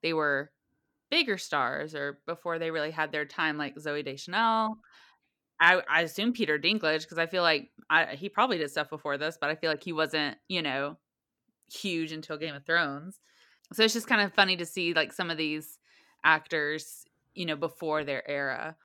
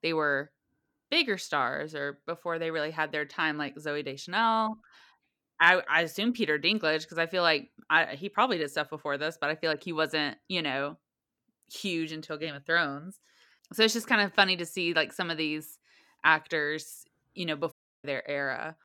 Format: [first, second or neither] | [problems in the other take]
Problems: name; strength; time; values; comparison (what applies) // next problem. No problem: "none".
first | audio cutting out; at 18 s